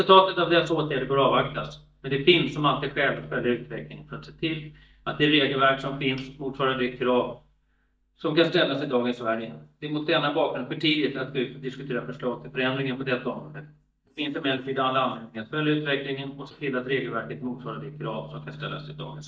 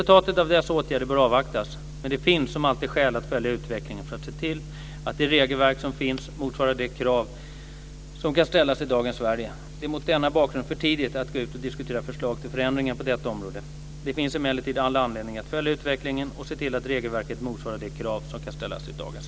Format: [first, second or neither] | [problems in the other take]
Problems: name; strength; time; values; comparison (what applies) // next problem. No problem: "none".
second | noise reduction (neural mask model DeepFilterNet 3)